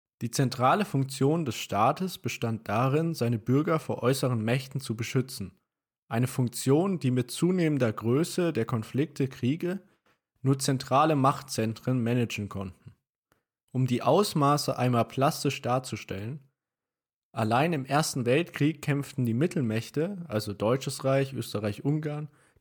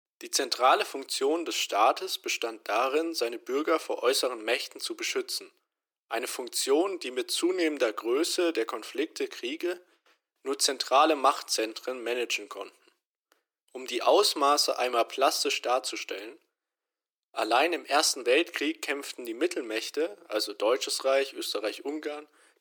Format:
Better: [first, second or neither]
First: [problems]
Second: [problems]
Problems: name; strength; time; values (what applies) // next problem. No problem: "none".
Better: first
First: none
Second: thin; very; fading below 300 Hz